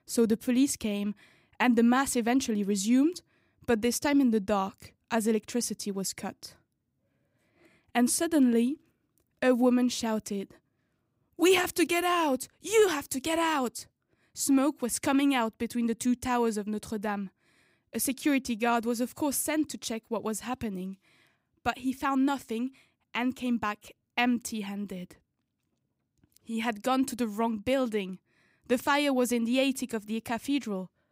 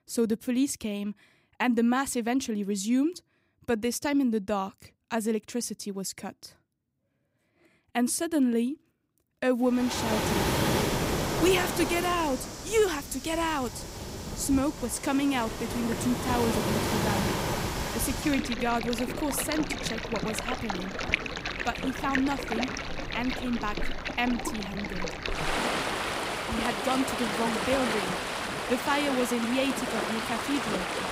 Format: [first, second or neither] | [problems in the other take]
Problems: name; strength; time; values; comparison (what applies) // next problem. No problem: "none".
first | rain or running water; loud; from 10 s on; 2 dB below the speech